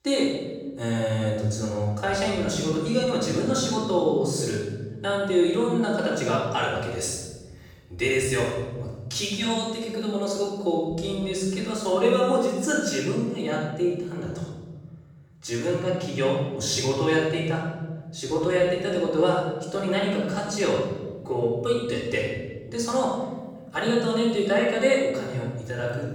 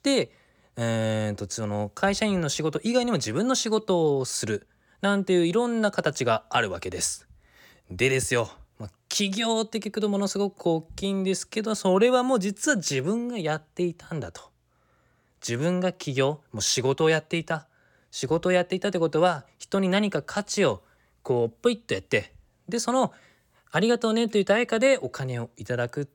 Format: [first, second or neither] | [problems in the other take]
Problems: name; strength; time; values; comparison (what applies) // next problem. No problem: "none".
second | off-mic speech; far // room echo; noticeable; dies away in 1.5 s